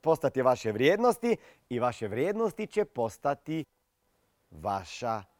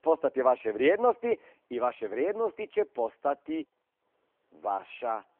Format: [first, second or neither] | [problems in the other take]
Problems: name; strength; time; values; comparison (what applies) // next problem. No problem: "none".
first | phone-call audio